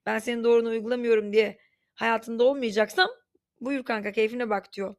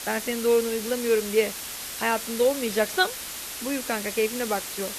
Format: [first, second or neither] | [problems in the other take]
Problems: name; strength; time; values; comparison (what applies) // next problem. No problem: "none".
first | hiss; loud; throughout; 7 dB below the speech